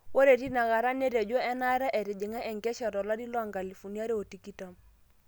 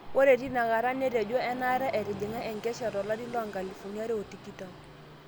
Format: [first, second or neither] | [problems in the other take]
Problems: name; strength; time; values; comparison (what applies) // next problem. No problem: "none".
first | background sound (Train); 15 dB below the speech